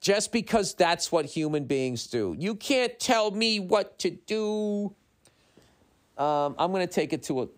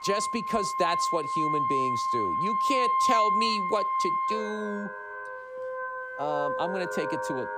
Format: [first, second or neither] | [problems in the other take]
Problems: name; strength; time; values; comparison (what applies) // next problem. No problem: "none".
first | background music; very loud; throughout; 4 dB above the speech